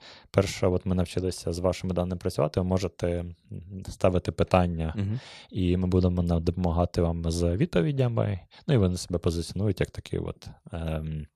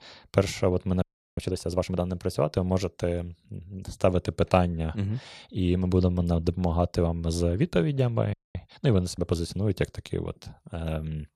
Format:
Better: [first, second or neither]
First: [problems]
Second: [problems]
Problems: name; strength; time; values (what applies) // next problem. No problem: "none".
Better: first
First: none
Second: audio freezing; at 1 s and at 8.5 s